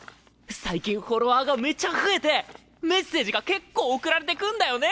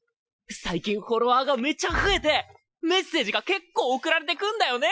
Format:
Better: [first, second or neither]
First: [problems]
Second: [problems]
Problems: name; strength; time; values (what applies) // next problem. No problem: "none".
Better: first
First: none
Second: noise reduction (classical method Wiener filter)